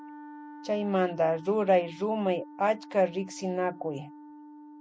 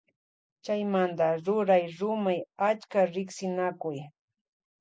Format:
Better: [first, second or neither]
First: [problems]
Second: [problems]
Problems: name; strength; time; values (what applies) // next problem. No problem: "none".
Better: second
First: background sound (Wind instrument, woodwind instrument); 17 dB below the speech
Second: none